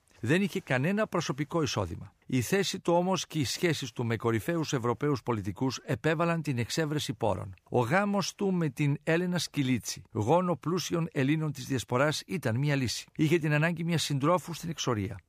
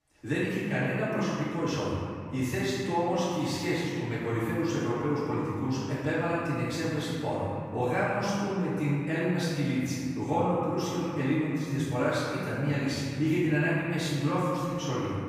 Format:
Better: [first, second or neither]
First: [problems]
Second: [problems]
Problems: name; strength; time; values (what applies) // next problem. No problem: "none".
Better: first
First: none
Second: room echo; strong; dies away in 2.5 s // off-mic speech; far